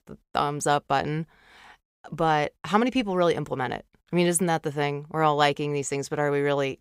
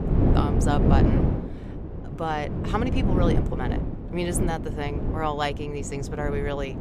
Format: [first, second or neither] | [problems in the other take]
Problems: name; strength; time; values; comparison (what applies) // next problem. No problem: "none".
first | wind noise on the microphone; heavy; 3 dB below the speech